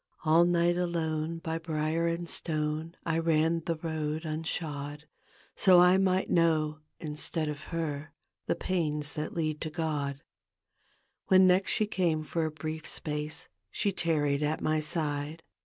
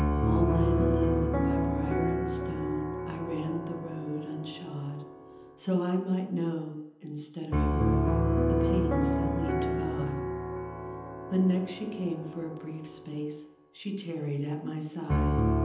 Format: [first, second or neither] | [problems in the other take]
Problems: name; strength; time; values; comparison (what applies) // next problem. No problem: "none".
first | background sound (Piano); 4 dB above the speech // room echo; dies away in 0.9 s